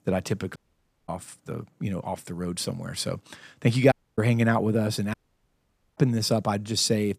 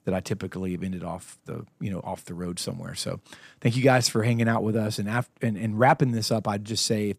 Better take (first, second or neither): second